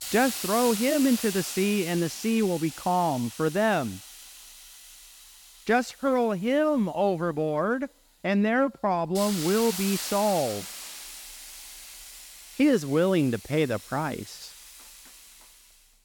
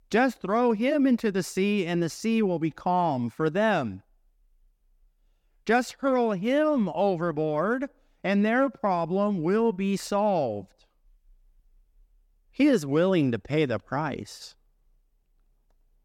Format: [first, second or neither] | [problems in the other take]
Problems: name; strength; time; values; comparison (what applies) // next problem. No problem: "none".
second | hiss; noticeable; throughout; 10 dB below the speech